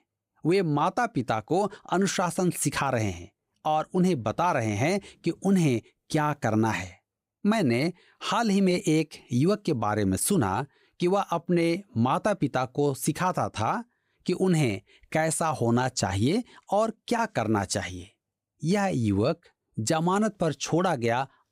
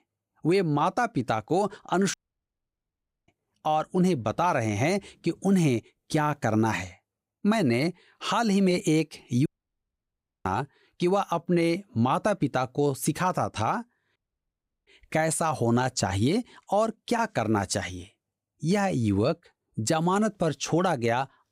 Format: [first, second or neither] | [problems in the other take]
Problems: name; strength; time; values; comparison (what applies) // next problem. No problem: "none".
first | audio cutting out; at 2 s for 1 s, at 9.5 s for 1 s and at 14 s for 0.5 s